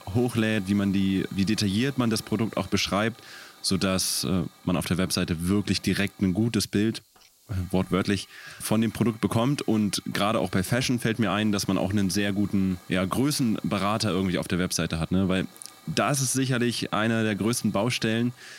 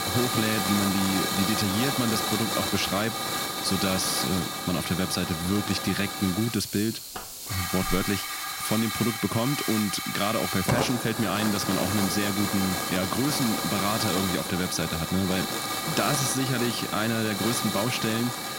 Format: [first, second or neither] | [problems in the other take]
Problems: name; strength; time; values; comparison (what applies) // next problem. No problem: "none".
first | hiss; loud; throughout; 1 dB below the speech; faint in the first